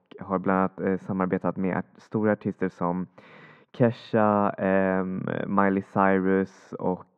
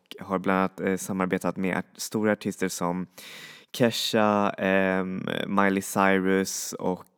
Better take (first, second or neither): second